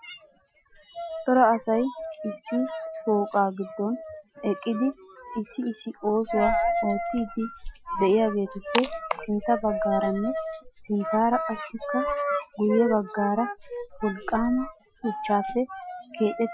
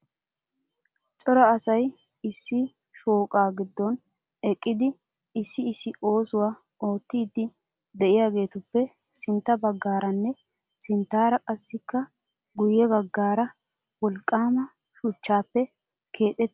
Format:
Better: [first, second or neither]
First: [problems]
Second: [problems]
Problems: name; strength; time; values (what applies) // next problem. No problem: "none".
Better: second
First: noise reduction (classical method Wiener filter)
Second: none